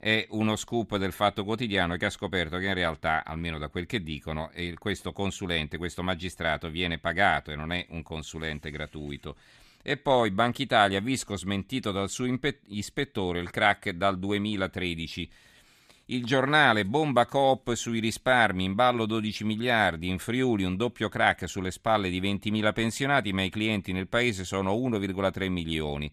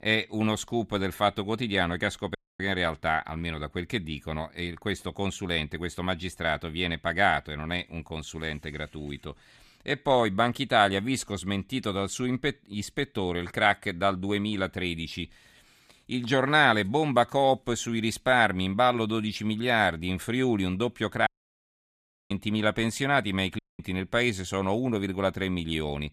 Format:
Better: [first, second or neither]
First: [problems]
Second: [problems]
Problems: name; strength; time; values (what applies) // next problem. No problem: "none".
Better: first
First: none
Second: audio cutting out; at 2.5 s, at 21 s for 1 s and at 24 s